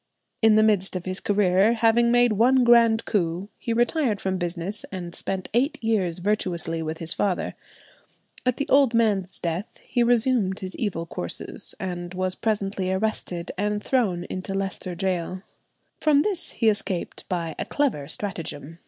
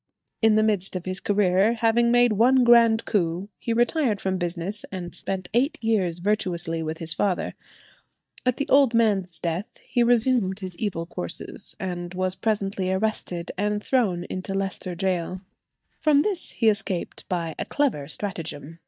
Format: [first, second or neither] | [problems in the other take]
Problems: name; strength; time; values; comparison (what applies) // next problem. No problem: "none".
first | noise reduction (neural mask model DeepFilterNet 3)